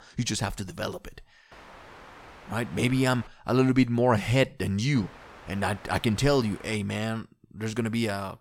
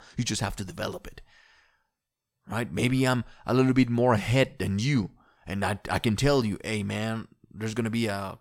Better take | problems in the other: second | wind noise on the microphone; occasional gusts; from 1.5 to 3.5 s and from 5 to 7 s; 20 dB below the speech

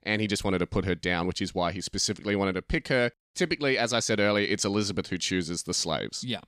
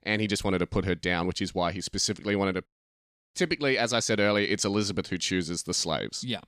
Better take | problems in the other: first | audio cutting out; at 2.5 s for 0.5 s

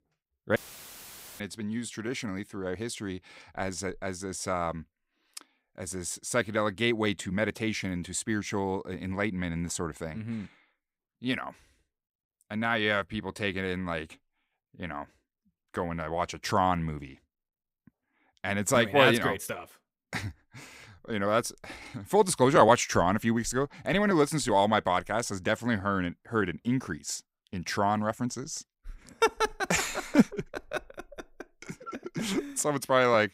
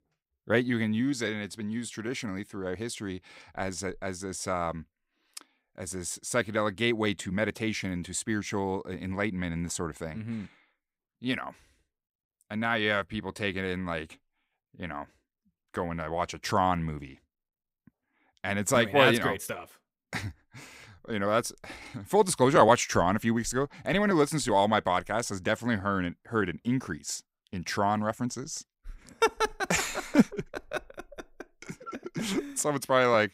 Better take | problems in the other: second | audio cutting out; filled with static; at 0.5 s for 1 s

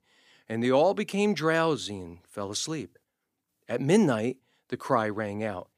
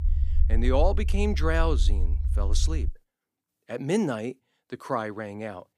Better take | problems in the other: first | low rumble; noticeable; until 3 s; 15 dB below the speech

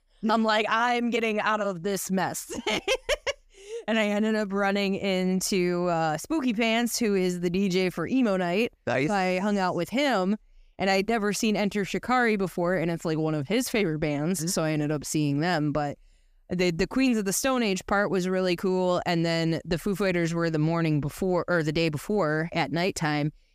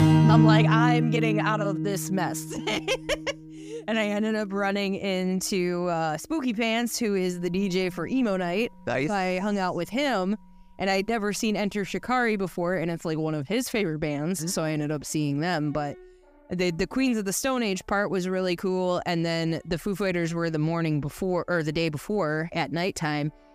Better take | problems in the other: first | background music; very loud; throughout; 2 dB above the speech

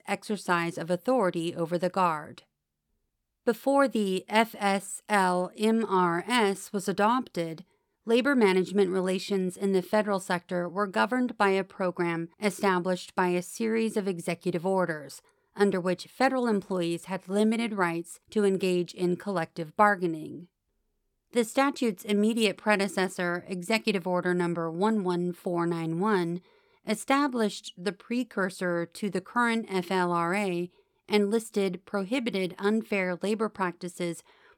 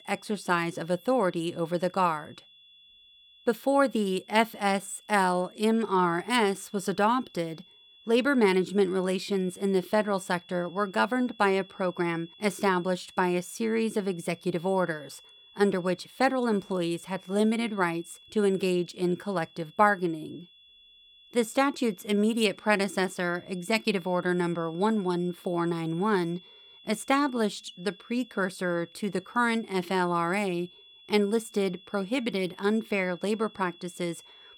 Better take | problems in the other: first | high-pitched whine; faint; throughout; 3.5 kHz, 25 dB below the speech

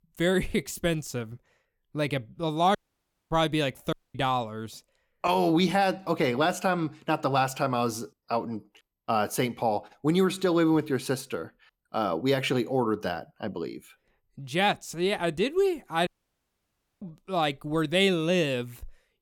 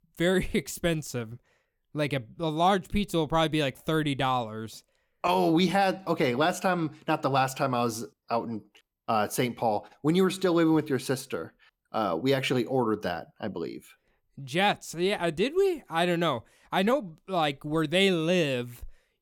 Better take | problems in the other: second | audio cutting out; at 3 s for 0.5 s, at 4 s and at 16 s for 1 s

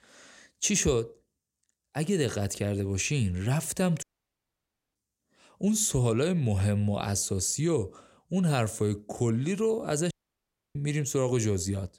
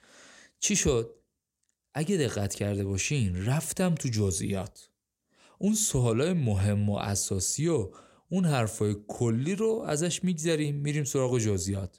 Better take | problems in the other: second | audio cutting out; at 4 s for 1 s and at 10 s for 0.5 s

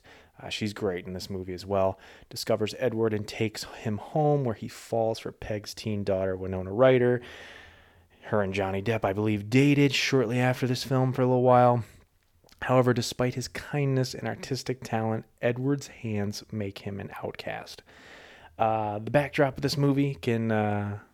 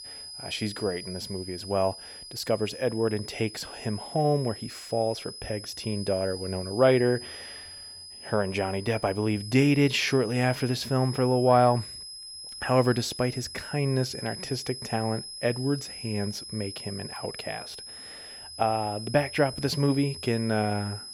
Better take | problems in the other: first | high-pitched whine; noticeable; throughout; 5 kHz, 10 dB below the speech

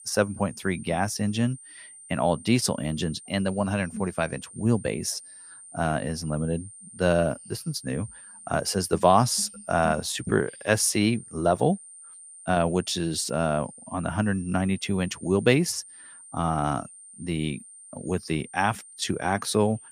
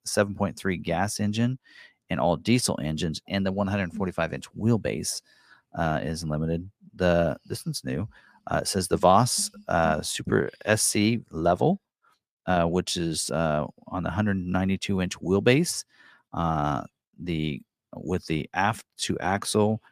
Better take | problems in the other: second | high-pitched whine; noticeable; throughout; 9 kHz, 20 dB below the speech

